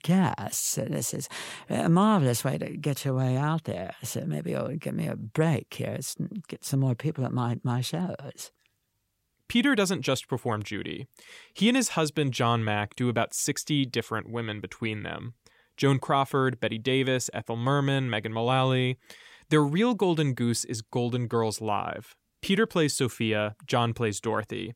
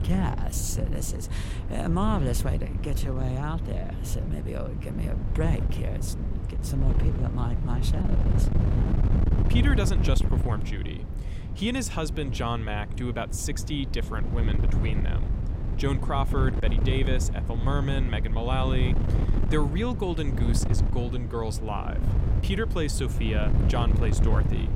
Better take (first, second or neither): first